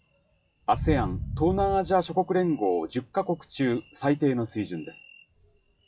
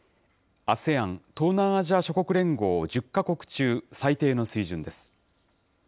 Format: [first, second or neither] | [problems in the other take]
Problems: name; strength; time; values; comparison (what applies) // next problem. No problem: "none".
second | noise reduction (classical method WPE with log-MMSE)